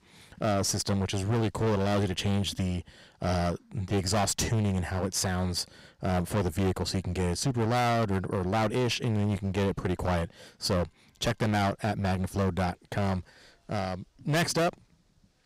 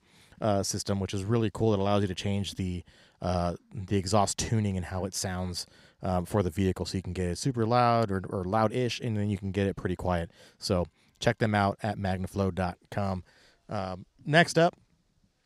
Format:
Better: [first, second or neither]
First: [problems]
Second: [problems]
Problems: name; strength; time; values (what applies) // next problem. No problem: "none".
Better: second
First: distortion; heavy; 16% of the sound clipped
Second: none